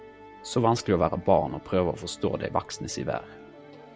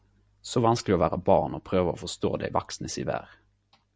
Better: second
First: background sound (Musical instrument); 19 dB below the speech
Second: none

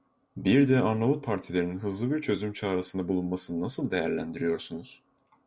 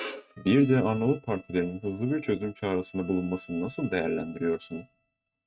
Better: first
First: none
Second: noise reduction (neural mask model RNNoise)

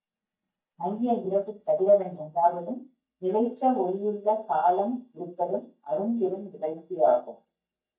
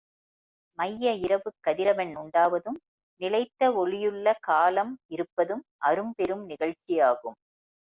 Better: second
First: noise reduction (neural mask model DeepFilterNet 3)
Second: none

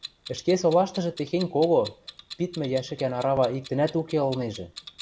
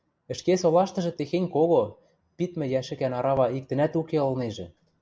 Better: second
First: background sound (Clock); 19 dB below the speech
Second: none

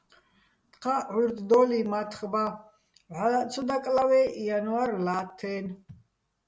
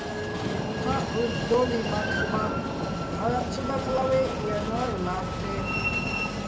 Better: first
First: none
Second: background sound (Train); 1 dB above the speech

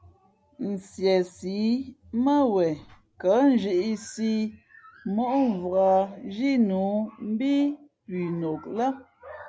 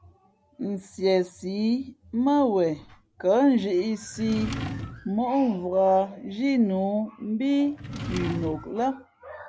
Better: first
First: none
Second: background sound (Drawer open or close); 9 dB below the speech

